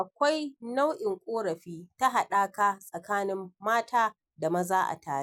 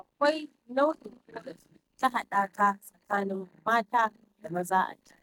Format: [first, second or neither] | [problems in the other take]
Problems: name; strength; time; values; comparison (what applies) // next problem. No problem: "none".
first | noise reduction (neural mask model DeepFilterNet 3)